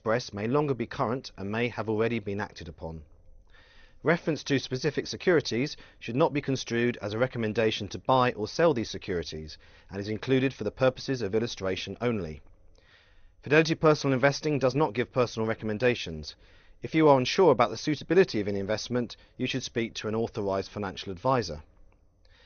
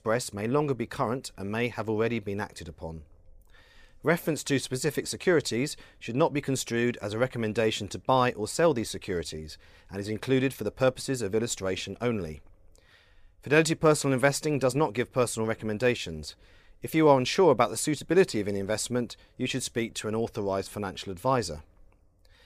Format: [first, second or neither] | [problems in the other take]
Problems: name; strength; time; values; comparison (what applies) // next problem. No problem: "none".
second | garbled, watery; slightly; nothing above 6.5 kHz